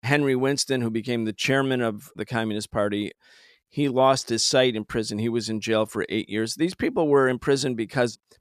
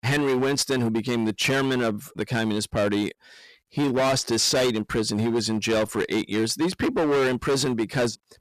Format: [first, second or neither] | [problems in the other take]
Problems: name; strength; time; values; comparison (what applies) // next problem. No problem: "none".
first | distortion; heavy; 20% of the sound clipped